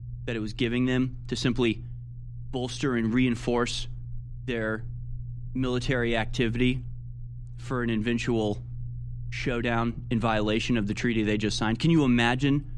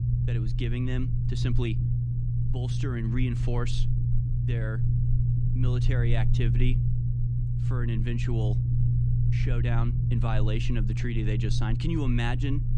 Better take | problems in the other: first | low rumble; loud; throughout; 2 dB below the speech; faint in the first

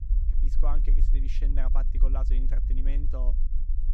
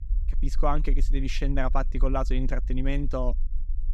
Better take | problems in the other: second | low rumble; loud; throughout; 8 dB below the speech; faint in the second

